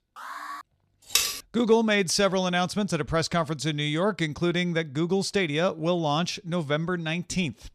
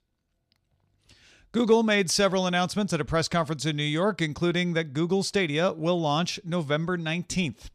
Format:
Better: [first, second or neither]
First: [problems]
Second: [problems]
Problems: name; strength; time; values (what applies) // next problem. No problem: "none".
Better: second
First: alarm; faint; at the start; peak 10 dB below the speech // clattering dishes; loud; at 1 s; peak 2 dB above the speech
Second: none